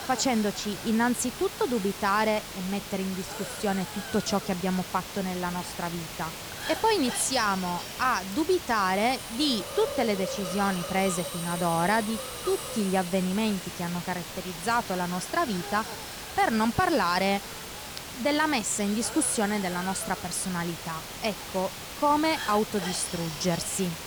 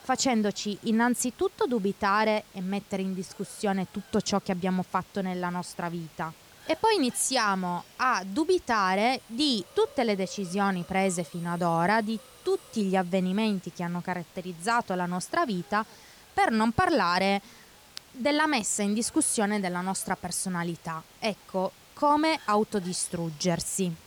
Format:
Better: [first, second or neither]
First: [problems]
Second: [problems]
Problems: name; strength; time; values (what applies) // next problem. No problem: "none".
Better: second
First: hiss; loud; throughout; 8 dB below the speech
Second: hiss; faint; throughout; 25 dB below the speech